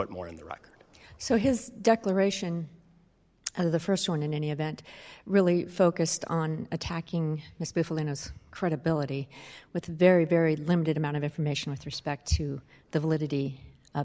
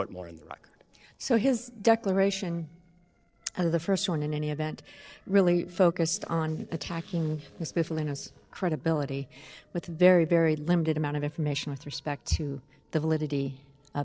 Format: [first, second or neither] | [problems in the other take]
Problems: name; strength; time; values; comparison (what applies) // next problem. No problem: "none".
first | noise reduction (neural separator model SepFormer DNS4)